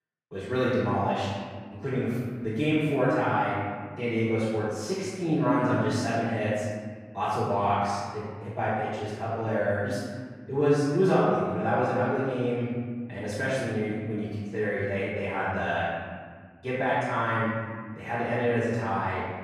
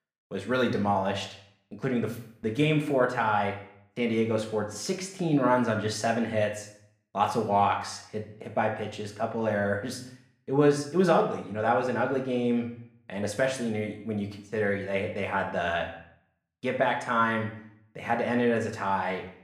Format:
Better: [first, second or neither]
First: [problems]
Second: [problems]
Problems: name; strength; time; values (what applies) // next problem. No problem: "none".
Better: second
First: room echo; strong; dies away in 1.8 s // off-mic speech; far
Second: room echo; slight; dies away in 0.5 s // off-mic speech; somewhat distant